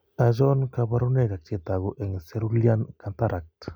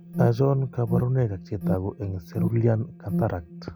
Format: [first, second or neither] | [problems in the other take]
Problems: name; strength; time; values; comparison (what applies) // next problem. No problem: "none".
first | background sound (Alarm); 6 dB below the speech